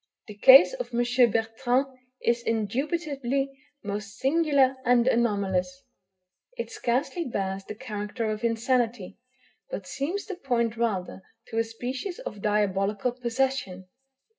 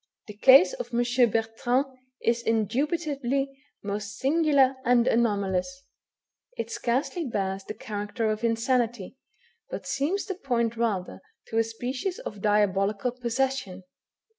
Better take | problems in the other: second | room echo; dies away in 0.2 s

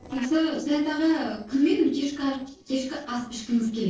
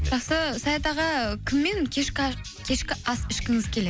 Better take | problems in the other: second | noise reduction (neural separator model SepFormer DNS4)

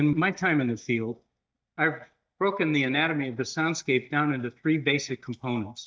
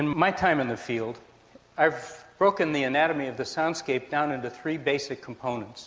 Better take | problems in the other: second | noise reduction (neural mask model DeepFilterNet 3)

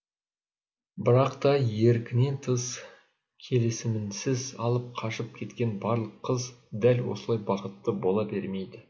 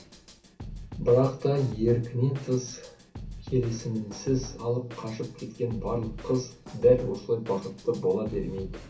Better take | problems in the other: first | background sound (Drum kit); 14 dB below the speech // room echo; dies away in 0.3 s

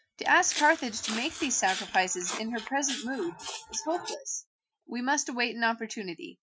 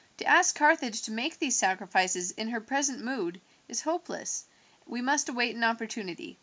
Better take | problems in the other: second | noise reduction (classical method Wiener filter)

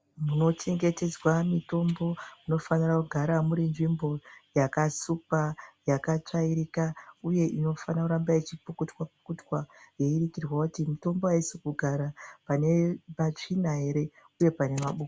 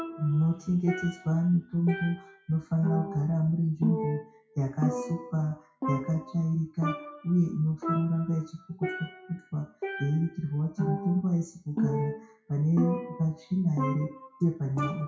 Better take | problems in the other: first | noise reduction (classical method WPE with log-MMSE)

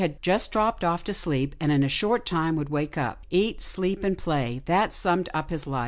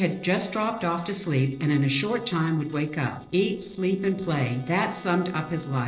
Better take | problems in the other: first | noise reduction (neural separator model SepFormer DNS4)

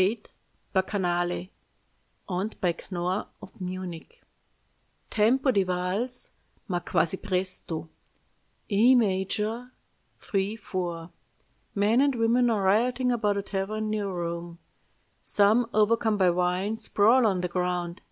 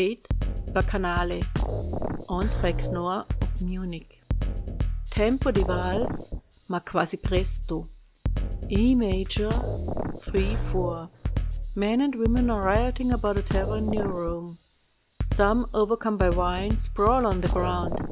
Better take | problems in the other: first | background sound (Drum kit); 1 dB below the speech

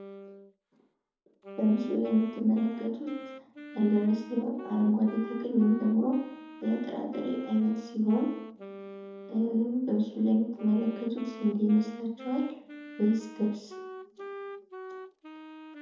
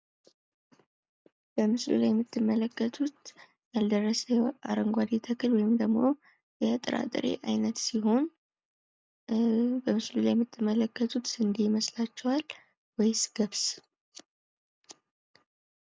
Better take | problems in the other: second | background sound (Wind instrument, woodwind instrument); 15 dB below the speech // room echo; dies away in 2.6 s

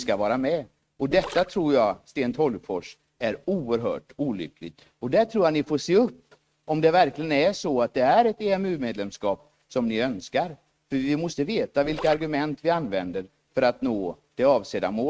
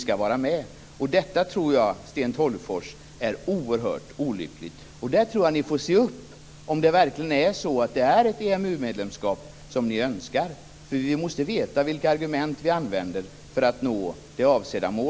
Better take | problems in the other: second | noise reduction (neural mask model RNNoise)

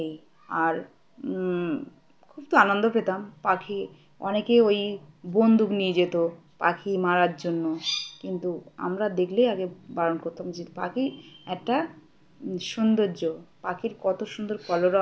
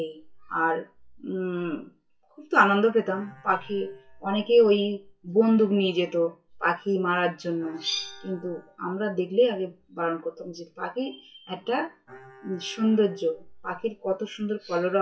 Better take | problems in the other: first | noise reduction (classical method WPE with log-MMSE)

